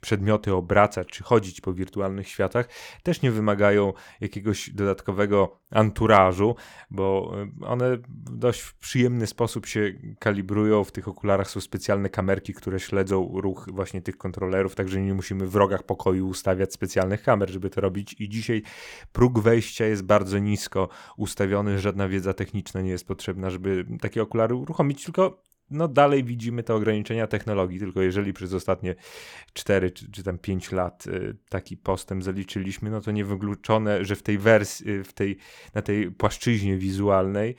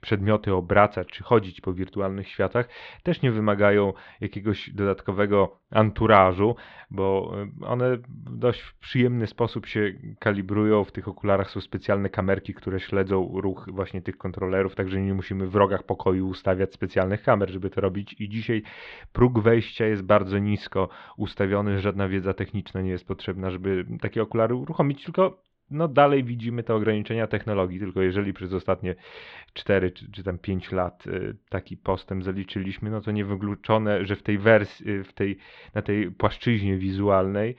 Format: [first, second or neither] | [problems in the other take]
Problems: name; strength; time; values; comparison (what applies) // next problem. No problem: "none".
first | muffled; slightly; fading above 4 kHz